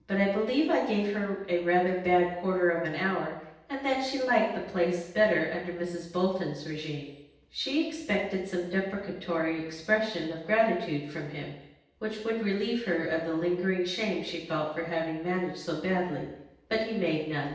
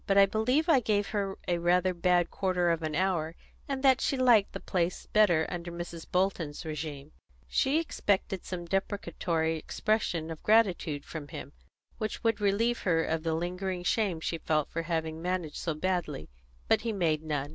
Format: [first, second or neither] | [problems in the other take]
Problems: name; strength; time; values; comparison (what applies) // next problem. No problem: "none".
second | room echo; dies away in 0.9 s